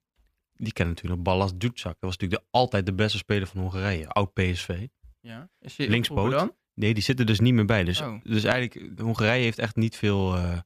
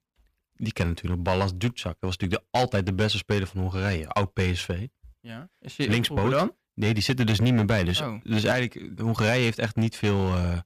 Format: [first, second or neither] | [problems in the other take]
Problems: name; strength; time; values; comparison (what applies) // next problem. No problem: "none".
first | distortion; slight; 4% of the sound clipped